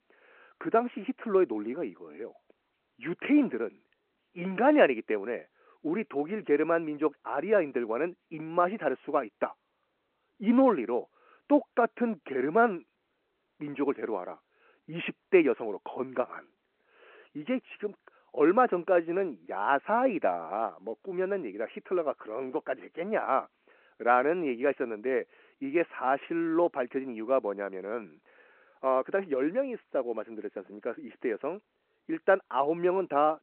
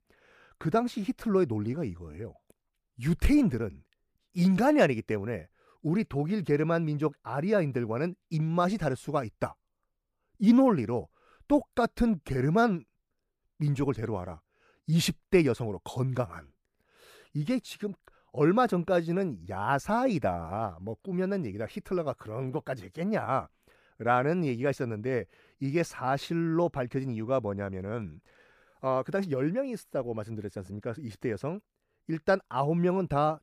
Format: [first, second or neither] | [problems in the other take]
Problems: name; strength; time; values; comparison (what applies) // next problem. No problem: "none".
second | phone-call audio